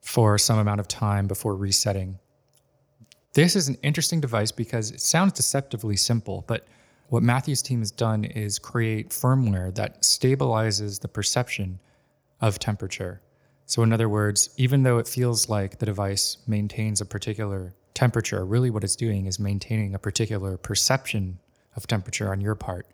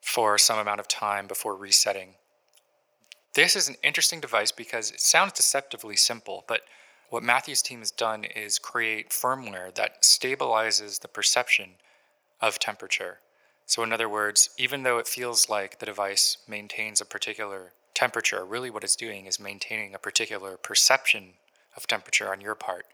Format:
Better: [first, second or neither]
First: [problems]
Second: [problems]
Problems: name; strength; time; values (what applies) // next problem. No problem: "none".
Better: first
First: none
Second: thin; very; fading below 700 Hz